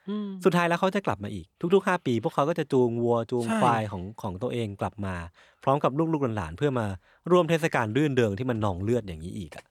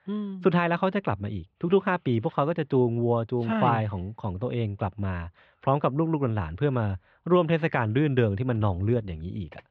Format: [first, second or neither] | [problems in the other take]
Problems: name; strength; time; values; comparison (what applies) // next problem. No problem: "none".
first | muffled; slightly; fading above 3.5 kHz